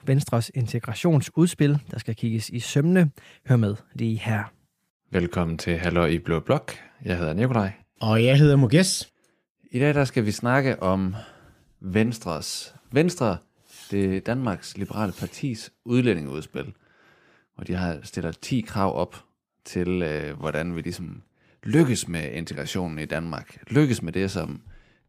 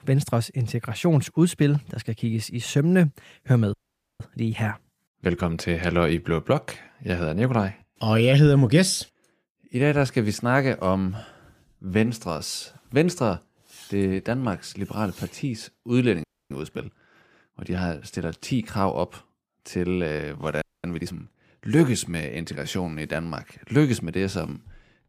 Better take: first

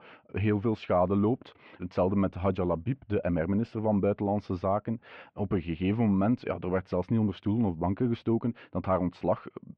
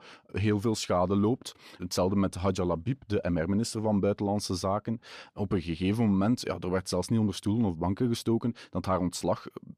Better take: second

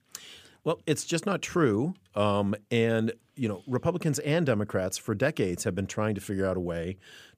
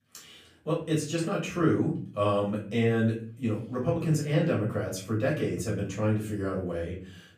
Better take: first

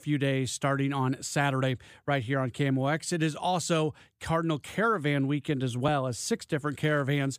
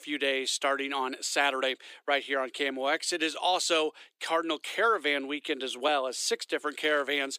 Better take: first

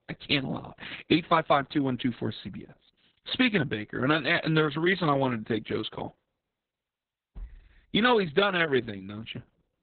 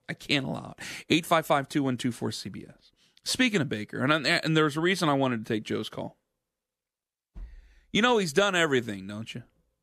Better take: second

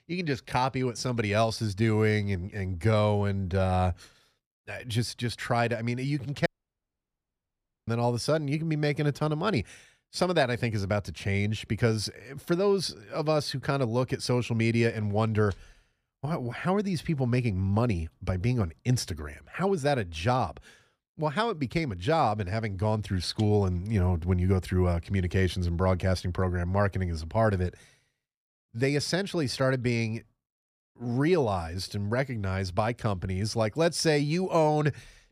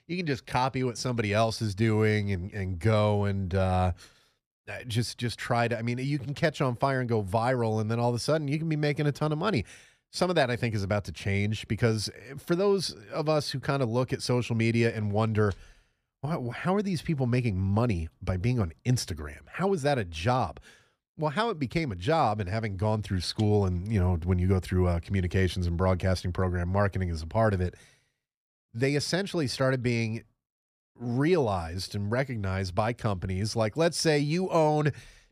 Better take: second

